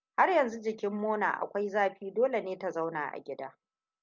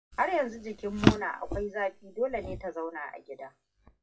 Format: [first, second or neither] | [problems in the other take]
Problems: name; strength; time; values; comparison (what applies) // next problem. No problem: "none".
first | noise reduction (classical method WPE with log-MMSE)